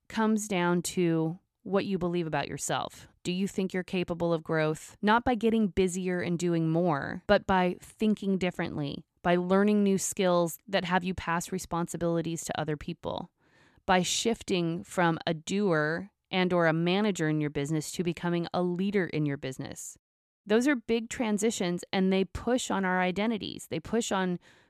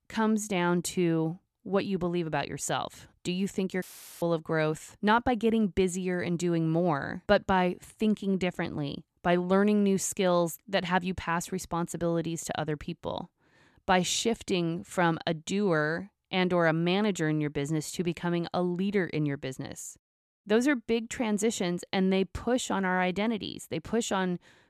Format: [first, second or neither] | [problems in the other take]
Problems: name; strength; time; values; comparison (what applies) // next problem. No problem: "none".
first | audio cutting out; filled with static; at 4 s